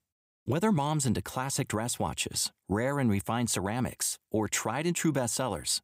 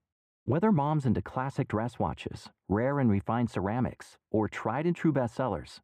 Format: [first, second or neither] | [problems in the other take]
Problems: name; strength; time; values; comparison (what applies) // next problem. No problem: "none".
first | muffled; very; fading above 3.5 kHz